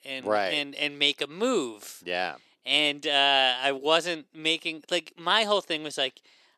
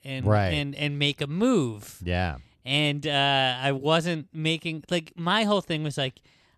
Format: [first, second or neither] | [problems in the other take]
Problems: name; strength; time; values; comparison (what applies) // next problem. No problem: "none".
second | thin; somewhat; fading below 350 Hz